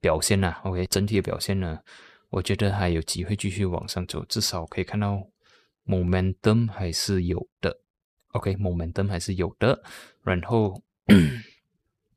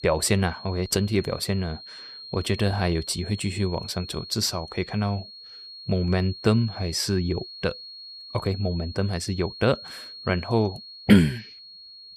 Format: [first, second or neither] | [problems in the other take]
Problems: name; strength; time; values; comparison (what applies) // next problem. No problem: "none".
first | high-pitched whine; noticeable; throughout; 4.5 kHz, 15 dB below the speech